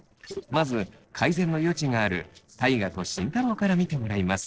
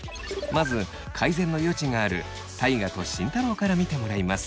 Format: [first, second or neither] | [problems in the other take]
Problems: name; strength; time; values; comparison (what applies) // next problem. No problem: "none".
second | noise reduction (neural separator model SepFormer DNS4)